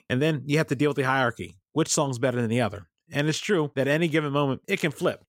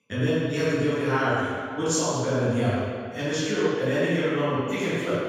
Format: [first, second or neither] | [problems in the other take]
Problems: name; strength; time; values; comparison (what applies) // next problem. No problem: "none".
first | room echo; strong; dies away in 1.8 s // off-mic speech; far